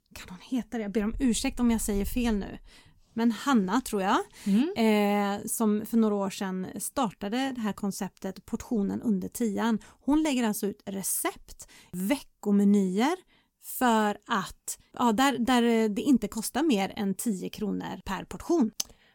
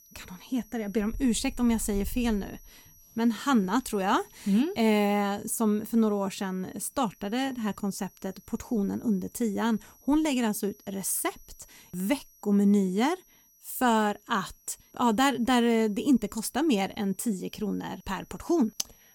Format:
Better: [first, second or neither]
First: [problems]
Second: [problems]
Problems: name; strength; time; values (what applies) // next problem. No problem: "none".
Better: first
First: none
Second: high-pitched whine; faint; throughout; 6 kHz, 30 dB below the speech